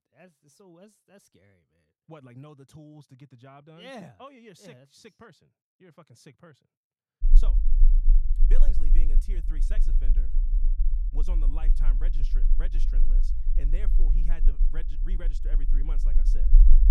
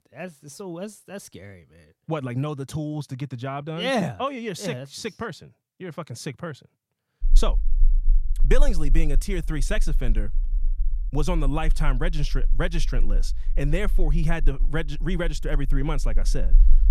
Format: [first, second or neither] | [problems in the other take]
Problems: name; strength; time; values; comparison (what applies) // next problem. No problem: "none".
second | low rumble; loud; from 7 s on; 5 dB below the speech; faint in the second